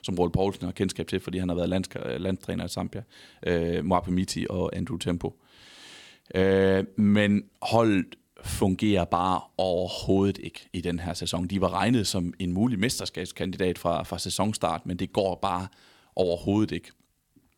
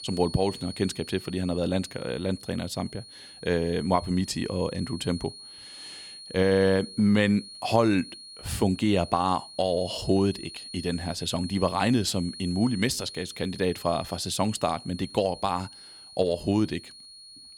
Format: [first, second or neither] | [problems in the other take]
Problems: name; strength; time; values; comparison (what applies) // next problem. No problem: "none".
first | high-pitched whine; noticeable; throughout; 4.5 kHz, 15 dB below the speech